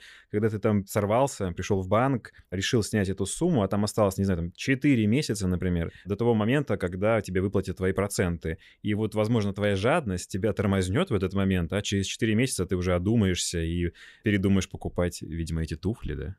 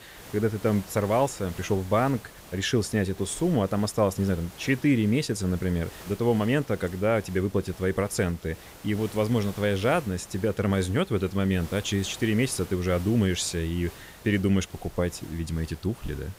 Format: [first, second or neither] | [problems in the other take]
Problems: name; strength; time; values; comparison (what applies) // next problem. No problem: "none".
first | hiss; noticeable; throughout; 20 dB below the speech